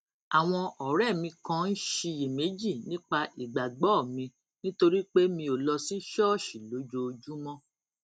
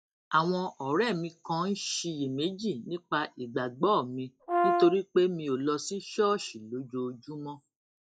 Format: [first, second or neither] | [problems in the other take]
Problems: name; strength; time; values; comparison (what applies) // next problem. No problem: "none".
first | noise reduction (classical method log-MMSE)